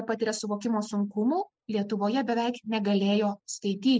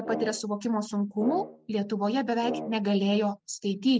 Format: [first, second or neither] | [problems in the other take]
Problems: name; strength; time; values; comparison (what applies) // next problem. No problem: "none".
first | background sound (Brass instrument); 11 dB below the speech